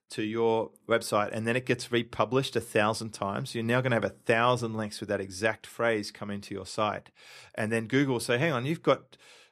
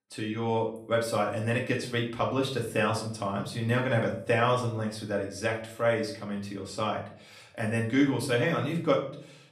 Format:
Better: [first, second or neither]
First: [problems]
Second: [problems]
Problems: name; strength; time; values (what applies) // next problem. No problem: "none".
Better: first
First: none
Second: room echo; slight; dies away in 0.5 s // off-mic speech; far